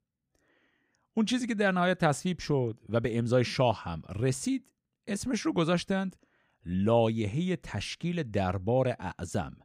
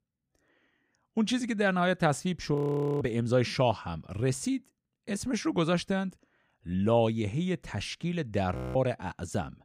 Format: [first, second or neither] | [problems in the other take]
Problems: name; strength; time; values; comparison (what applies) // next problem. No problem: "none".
first | audio freezing; at 2.5 s and at 8.5 s